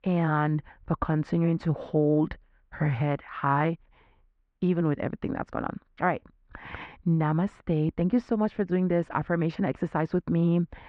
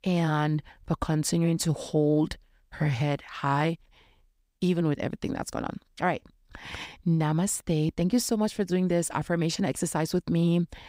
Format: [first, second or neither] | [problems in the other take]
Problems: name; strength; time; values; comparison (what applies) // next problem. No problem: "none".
second | muffled; very; fading above 2 kHz